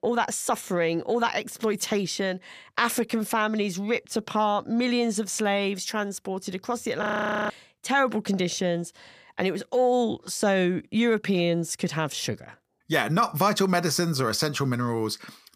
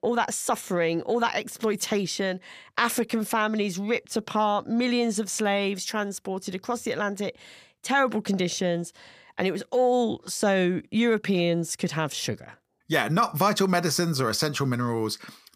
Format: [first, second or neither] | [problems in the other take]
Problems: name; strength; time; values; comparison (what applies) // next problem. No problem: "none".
second | audio freezing; at 7 s